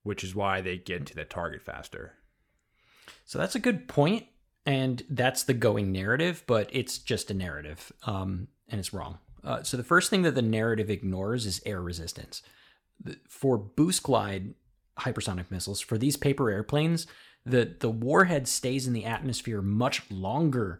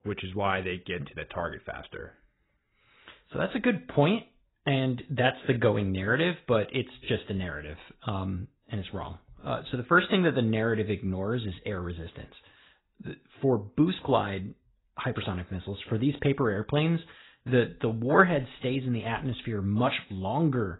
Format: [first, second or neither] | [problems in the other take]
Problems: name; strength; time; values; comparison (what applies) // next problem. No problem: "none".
first | garbled, watery; badly; nothing above 4 kHz